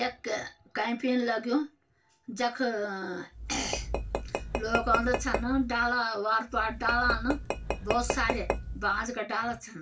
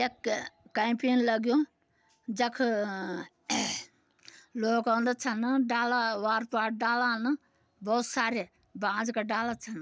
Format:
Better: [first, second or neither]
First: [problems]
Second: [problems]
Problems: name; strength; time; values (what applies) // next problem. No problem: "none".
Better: second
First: background sound (Tap / Glass); 3 dB below the speech // room echo; dies away in 0.2 s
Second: none